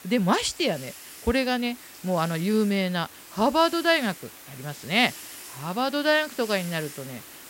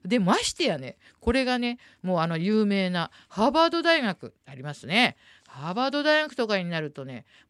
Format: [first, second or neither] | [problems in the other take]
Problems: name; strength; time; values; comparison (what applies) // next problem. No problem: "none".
second | hiss; noticeable; throughout; 15 dB below the speech